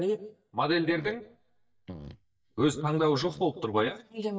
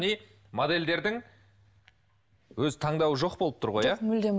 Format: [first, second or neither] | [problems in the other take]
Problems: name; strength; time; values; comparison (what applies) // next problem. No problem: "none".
second | noise reduction (neural mask model DeepFilterNet 3)